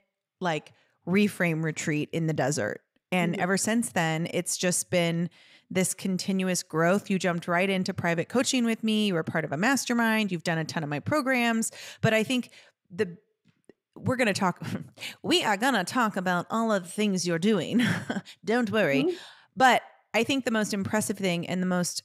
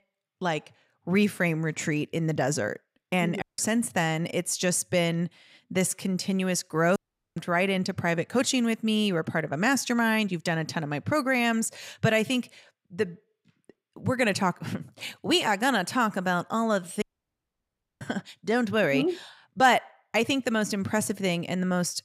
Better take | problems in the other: first | audio cutting out; at 3.5 s, at 7 s and at 17 s for 1 s

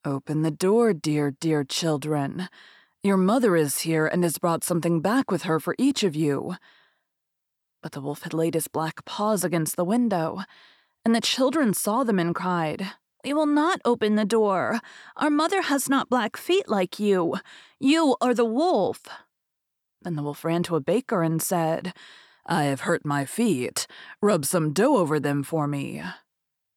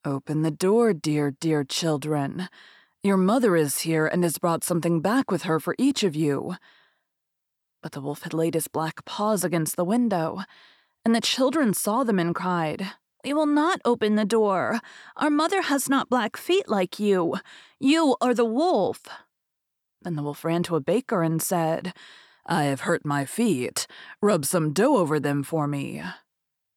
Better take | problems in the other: neither | none

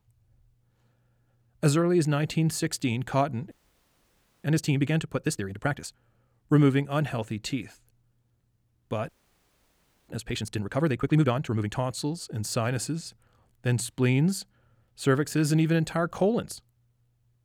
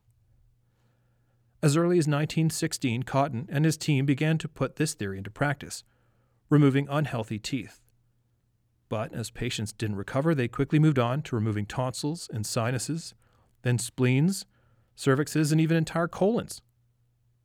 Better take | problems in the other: second | audio freezing; at 3.5 s for 1 s and at 9 s for 1 s

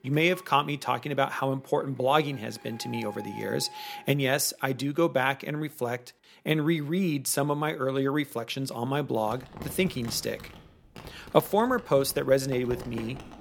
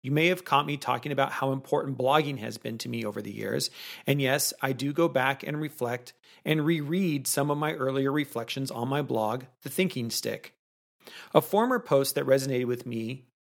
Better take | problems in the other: second | household noises; noticeable; throughout; 15 dB below the speech

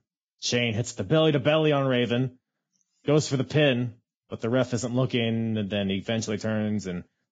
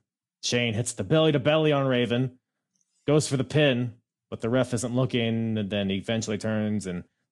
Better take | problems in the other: second | garbled, watery; badly; nothing above 7.5 kHz; slightly in the second

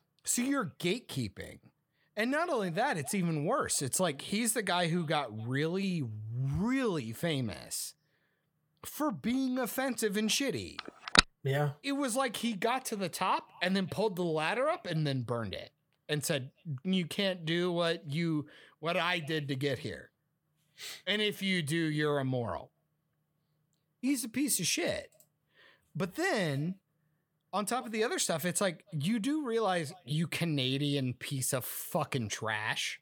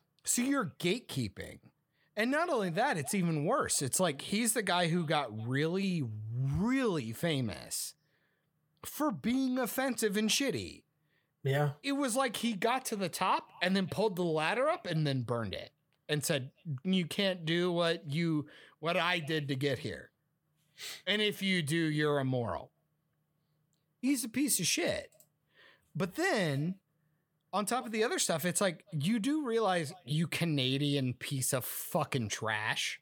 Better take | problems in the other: second | phone ringing; loud; at 11 s; peak 7 dB above the speech

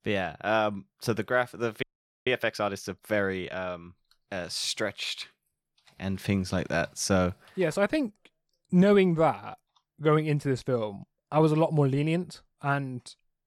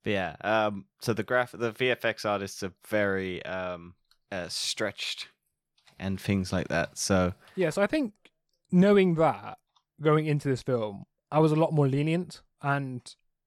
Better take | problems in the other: second | audio freezing; at 2 s

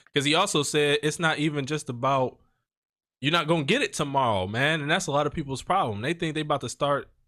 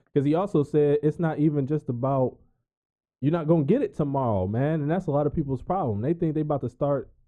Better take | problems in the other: first | muffled; very; fading above 1.5 kHz

